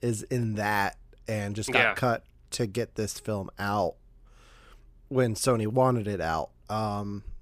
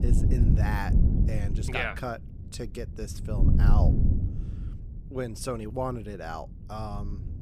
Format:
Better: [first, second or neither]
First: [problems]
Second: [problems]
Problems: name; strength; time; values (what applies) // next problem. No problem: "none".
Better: first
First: none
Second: wind noise on the microphone; heavy; 4 dB below the speech